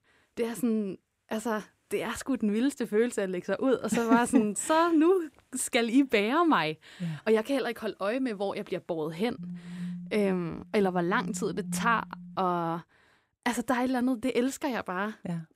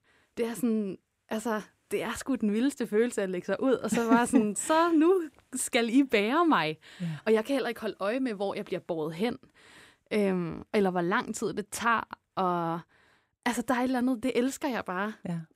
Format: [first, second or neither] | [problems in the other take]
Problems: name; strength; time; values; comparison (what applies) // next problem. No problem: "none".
second | phone ringing; noticeable; from 9.5 to 12 s; peak 7 dB below the speech